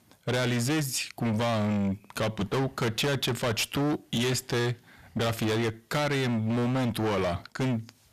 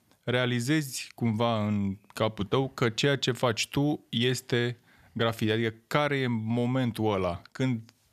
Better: second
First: distortion; heavy; 29% of the sound clipped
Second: none

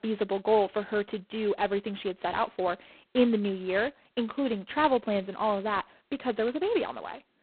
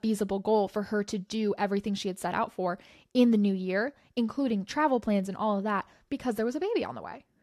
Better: second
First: phone-call audio; poor line; nothing above 4 kHz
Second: none

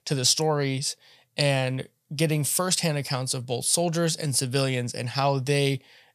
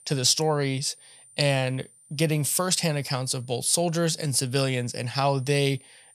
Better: first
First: none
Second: high-pitched whine; faint; throughout; 9 kHz, 25 dB below the speech

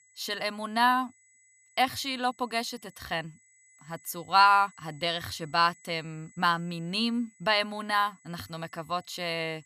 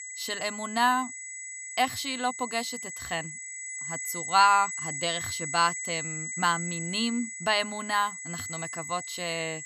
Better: first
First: high-pitched whine; faint; throughout; 2 kHz, 30 dB below the speech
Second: high-pitched whine; loud; throughout; 2 kHz, 6 dB below the speech

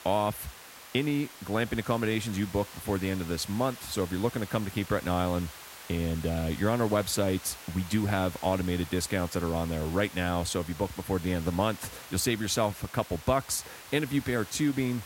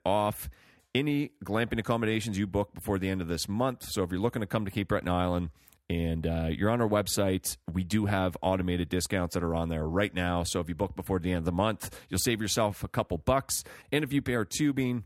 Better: second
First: hiss; noticeable; throughout; 15 dB below the speech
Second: none

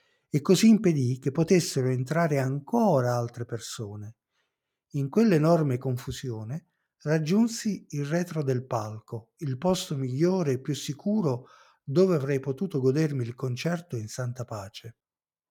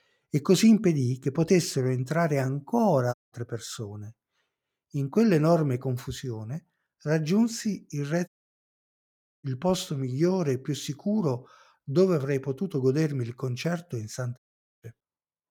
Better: first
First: none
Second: audio cutting out; at 3 s, at 8.5 s for 1 s and at 14 s

